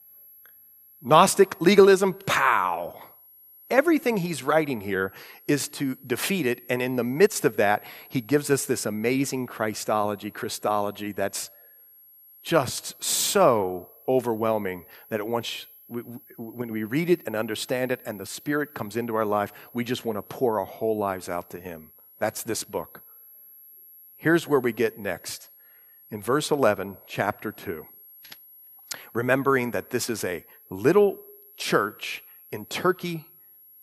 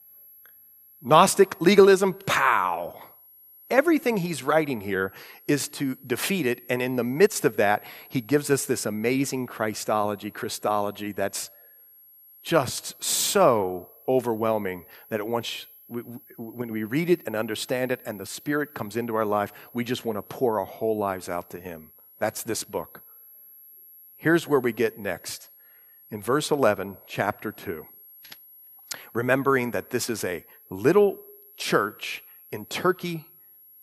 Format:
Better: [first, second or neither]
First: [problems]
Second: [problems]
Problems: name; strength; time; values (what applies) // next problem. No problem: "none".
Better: neither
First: high-pitched whine; faint; throughout; 11.5 kHz, 25 dB below the speech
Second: high-pitched whine; faint; throughout; 11.5 kHz, 25 dB below the speech